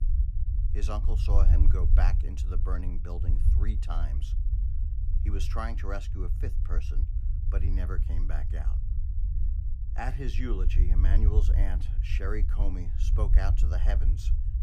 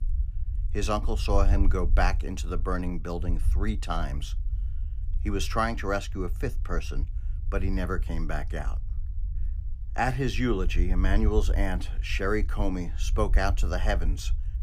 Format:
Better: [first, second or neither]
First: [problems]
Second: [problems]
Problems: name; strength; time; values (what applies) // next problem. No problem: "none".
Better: second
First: low rumble; loud; throughout; 7 dB below the speech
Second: low rumble; faint; throughout; 20 dB below the speech